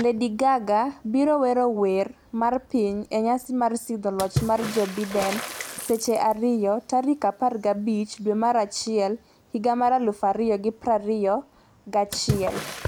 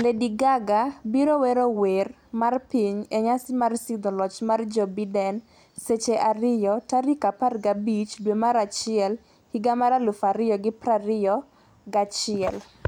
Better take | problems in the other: second | background sound (Water / Splash, splatter); 14 dB below the speech

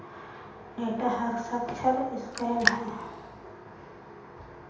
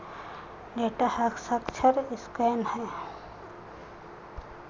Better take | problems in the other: second | background sound (Raindrop); as loud as the speech // room echo; dies away in 0.8 s

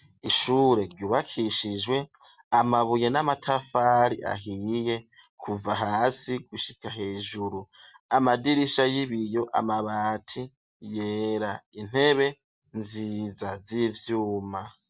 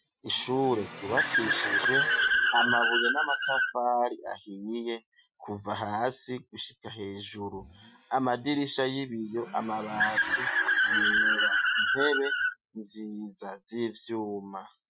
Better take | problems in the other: first | noise reduction (classical method Wiener filter)

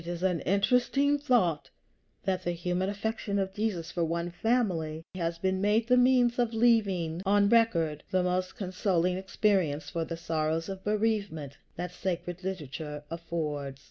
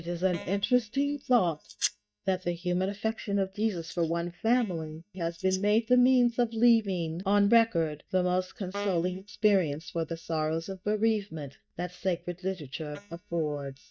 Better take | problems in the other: first | noise reduction (neural mask model DeepFilterNet 3)

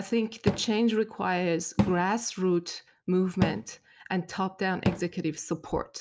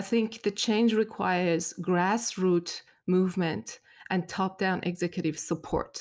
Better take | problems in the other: second | background sound (Cupboard open or close / Drawer open or close); 7 dB below the speech

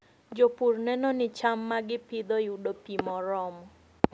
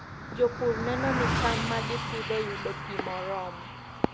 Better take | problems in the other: first | background sound (Car passing by); 1 dB below the speech

